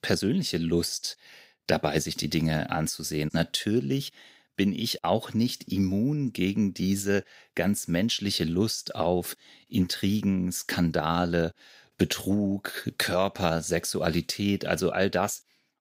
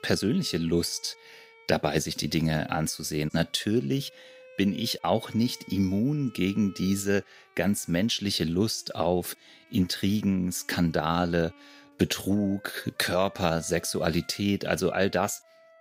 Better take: first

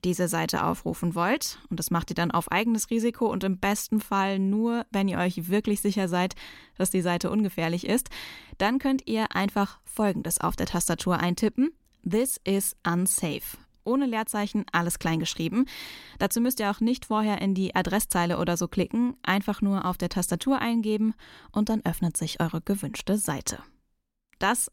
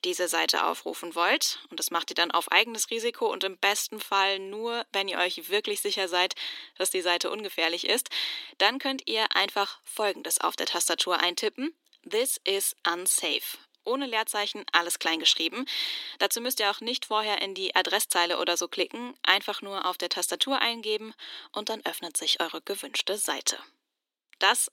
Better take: first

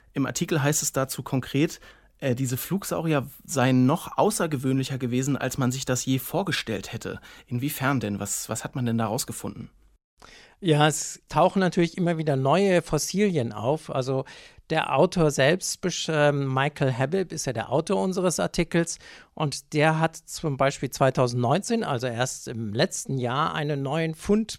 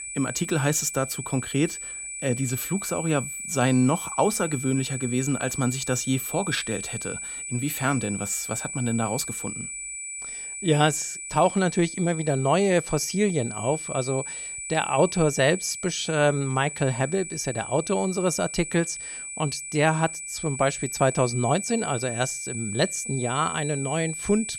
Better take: first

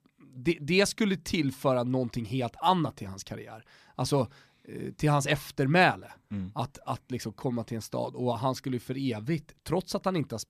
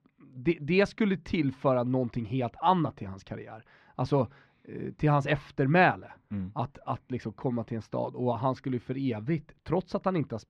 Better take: first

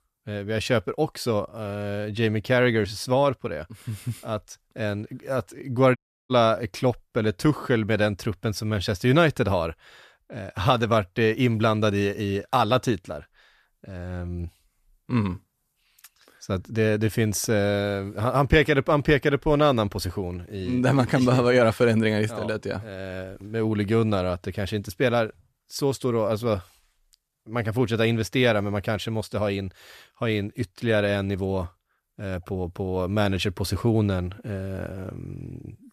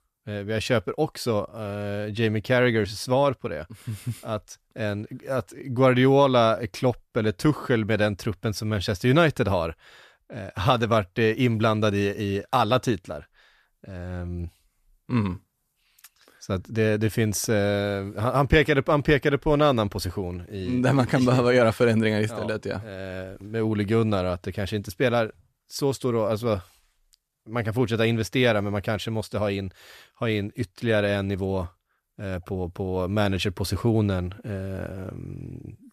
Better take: second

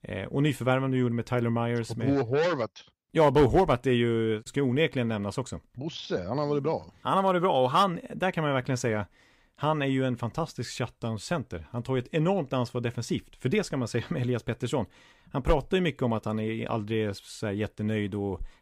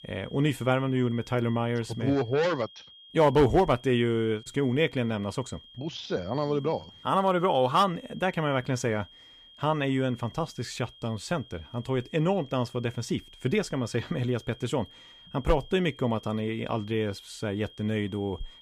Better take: first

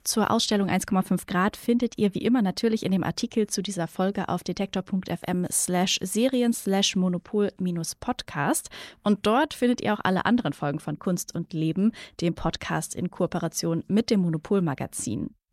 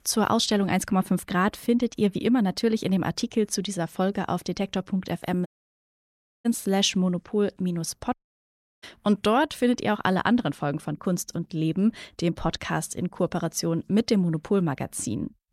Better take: first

